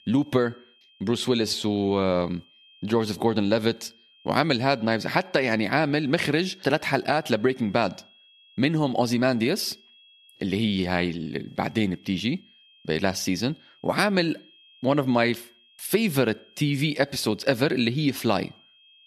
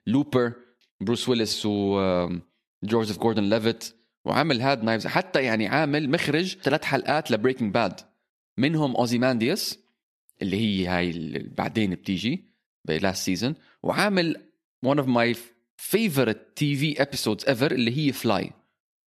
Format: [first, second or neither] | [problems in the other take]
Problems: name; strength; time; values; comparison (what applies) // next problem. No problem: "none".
second | high-pitched whine; faint; throughout; 3 kHz, 30 dB below the speech